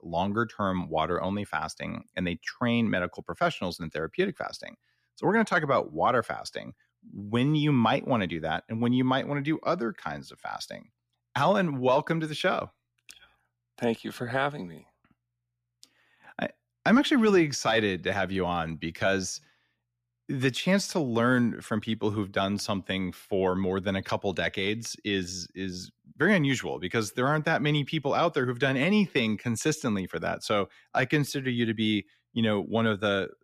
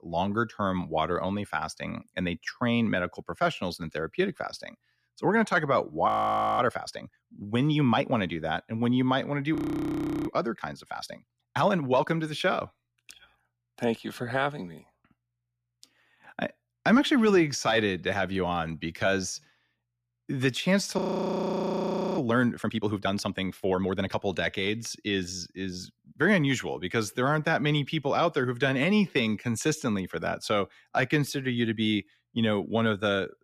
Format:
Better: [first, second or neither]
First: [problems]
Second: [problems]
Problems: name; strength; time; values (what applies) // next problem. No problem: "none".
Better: first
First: none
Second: audio freezing; at 6 s for 0.5 s, at 9.5 s for 0.5 s and at 21 s for 1 s